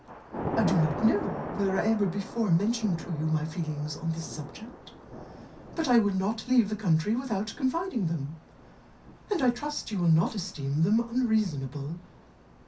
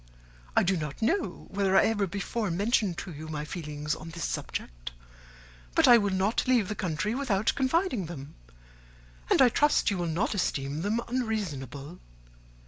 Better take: second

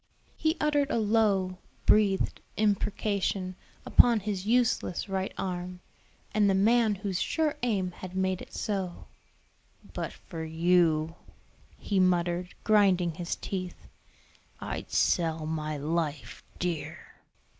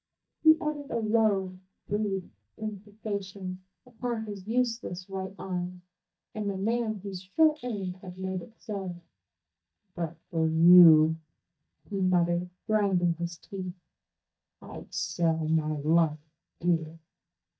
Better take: first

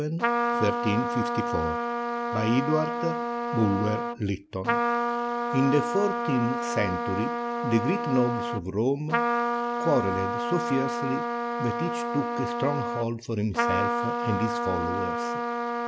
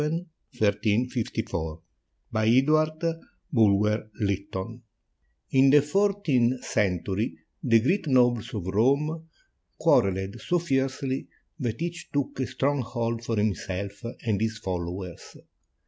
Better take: second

